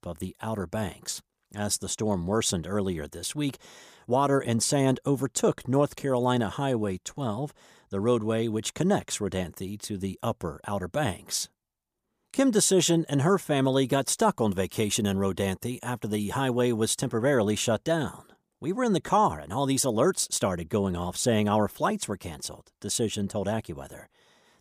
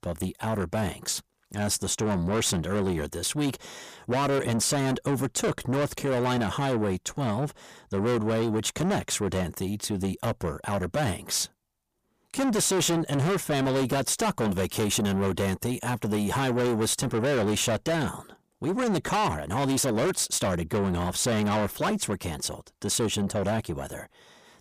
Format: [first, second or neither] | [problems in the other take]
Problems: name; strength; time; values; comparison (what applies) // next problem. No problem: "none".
first | distortion; heavy; 6 dB below the speech